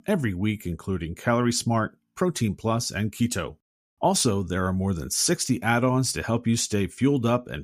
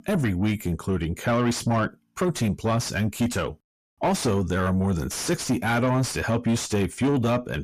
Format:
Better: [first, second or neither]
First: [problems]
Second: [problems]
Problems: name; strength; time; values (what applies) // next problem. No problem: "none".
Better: first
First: none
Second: distortion; heavy; 8 dB below the speech